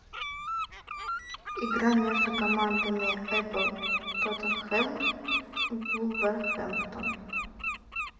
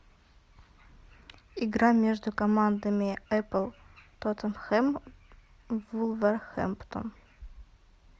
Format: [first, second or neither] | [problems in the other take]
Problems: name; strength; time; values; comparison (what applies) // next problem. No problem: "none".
second | background sound (Bird); as loud as the speech // room echo; dies away in 2.3 s